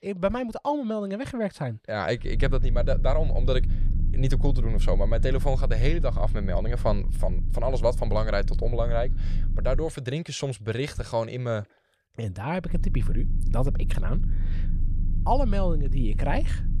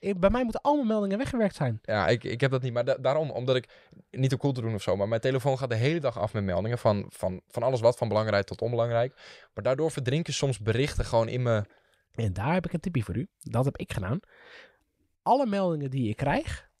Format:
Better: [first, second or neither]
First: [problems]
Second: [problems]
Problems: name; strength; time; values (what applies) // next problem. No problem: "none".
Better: second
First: low rumble; noticeable; from 2.5 to 10 s and from 13 s on; 15 dB below the speech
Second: none